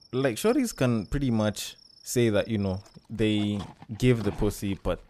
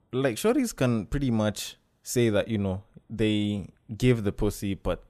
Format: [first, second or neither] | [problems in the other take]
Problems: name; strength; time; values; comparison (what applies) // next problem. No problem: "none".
second | animal sounds; faint; throughout; 20 dB below the speech